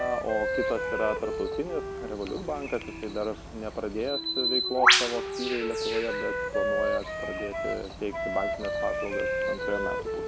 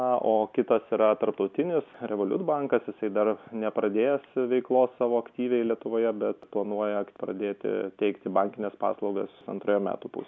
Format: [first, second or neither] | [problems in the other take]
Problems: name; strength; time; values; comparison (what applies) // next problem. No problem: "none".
second | background sound (Wind instrument, woodwind instrument + Bird); 3 dB above the speech